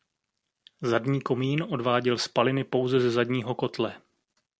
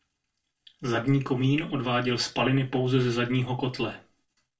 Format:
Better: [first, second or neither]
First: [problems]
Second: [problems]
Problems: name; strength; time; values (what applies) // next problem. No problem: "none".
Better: first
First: none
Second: room echo; dies away in 0.2 s